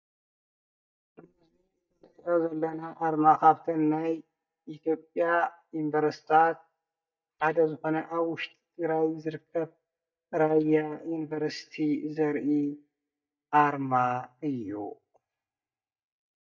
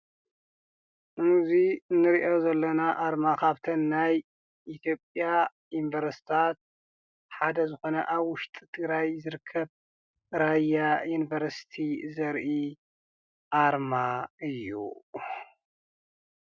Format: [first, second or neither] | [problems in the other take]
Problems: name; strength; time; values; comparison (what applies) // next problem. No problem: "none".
second | noise reduction (neural mask model DeepFilterNet 3)